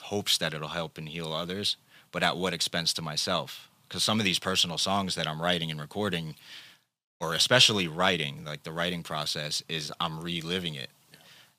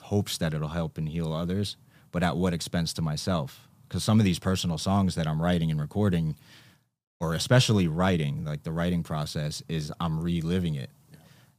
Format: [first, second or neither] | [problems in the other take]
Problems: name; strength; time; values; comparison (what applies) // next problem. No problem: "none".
second | thin; somewhat; fading below 600 Hz